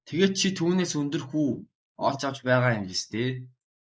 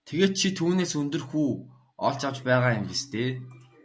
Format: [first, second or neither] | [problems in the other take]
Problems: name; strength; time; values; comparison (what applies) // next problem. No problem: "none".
second | noise reduction (neural mask model Resemble Enhance denoiser)